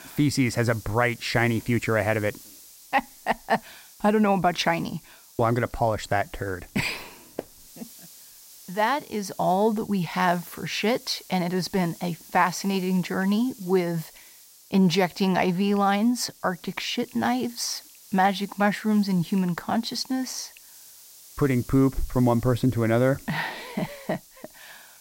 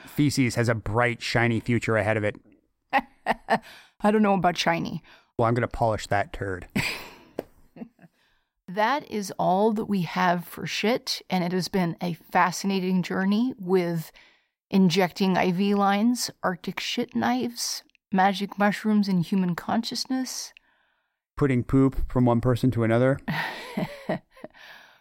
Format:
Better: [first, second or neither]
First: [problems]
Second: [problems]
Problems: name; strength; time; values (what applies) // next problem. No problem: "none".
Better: second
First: hiss; faint; throughout; 20 dB below the speech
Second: none